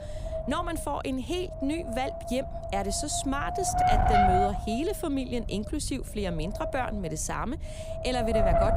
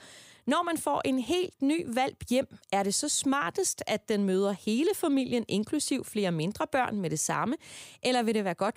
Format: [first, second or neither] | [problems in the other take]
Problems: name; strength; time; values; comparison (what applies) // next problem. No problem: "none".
second | wind noise on the microphone; heavy; 4 dB above the speech